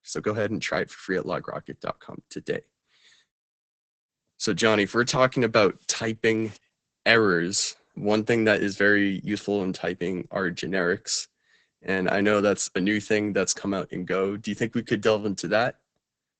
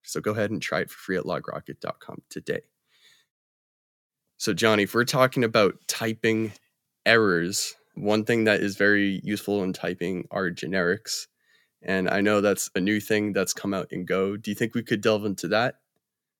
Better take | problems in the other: second | garbled, watery; badly; nothing above 8 kHz

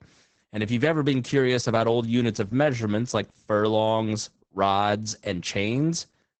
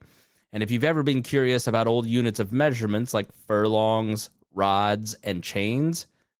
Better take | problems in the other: second | garbled, watery; badly; nothing above 7.5 kHz; slightly in the second

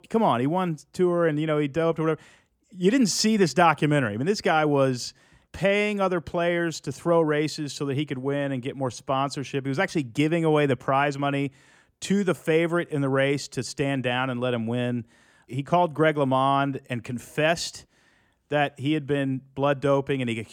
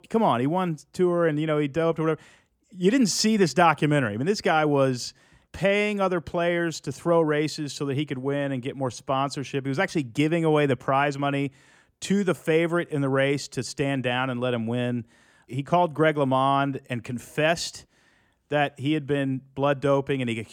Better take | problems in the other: neither | none

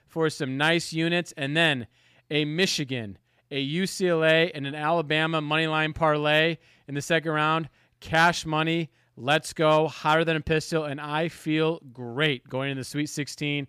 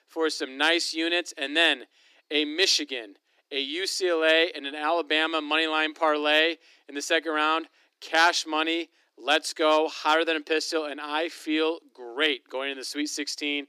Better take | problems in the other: first | thin; somewhat; fading below 300 Hz

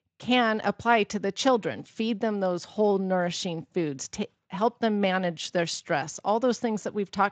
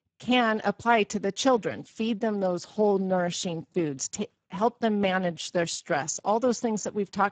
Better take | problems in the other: first | garbled, watery; badly; nothing above 7.5 kHz; slightly in the first

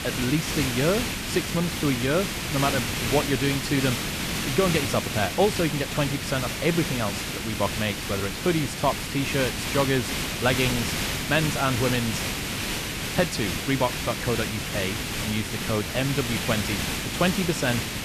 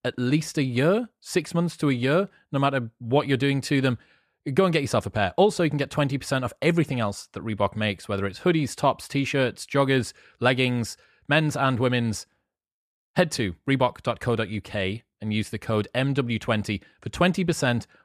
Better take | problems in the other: second | hiss; loud; throughout; 1 dB below the speech

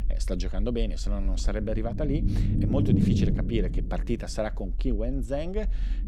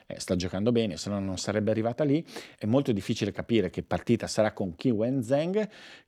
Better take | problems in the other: second | low rumble; loud; throughout; 2 dB below the speech

